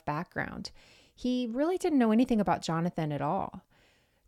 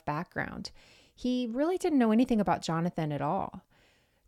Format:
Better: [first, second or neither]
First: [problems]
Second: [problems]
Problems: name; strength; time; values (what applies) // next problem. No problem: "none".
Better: neither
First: none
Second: none